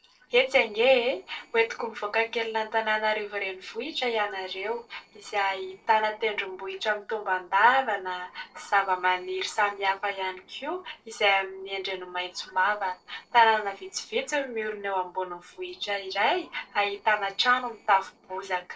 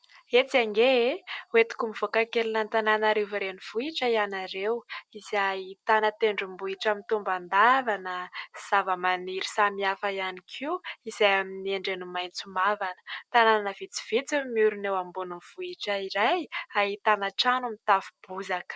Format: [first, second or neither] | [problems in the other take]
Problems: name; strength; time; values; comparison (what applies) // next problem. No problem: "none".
second | noise reduction (neural separator model SepFormer DNS4)